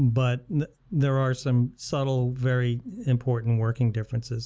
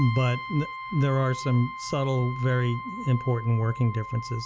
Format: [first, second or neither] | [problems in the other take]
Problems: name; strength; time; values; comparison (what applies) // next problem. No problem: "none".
first | background sound (Brass instrument); 11 dB below the speech